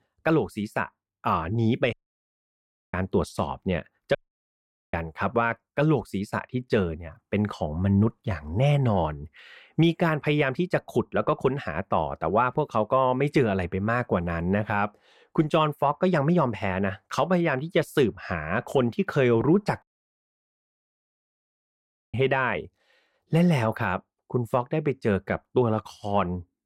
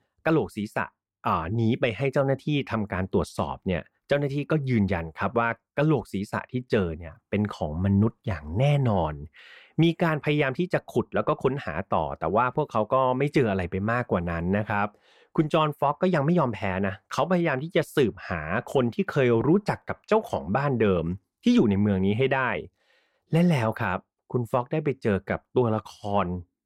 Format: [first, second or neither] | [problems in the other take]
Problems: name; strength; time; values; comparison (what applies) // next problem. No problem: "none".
second | audio cutting out; at 2 s for 1 s, at 4 s for 1 s and at 20 s for 2.5 s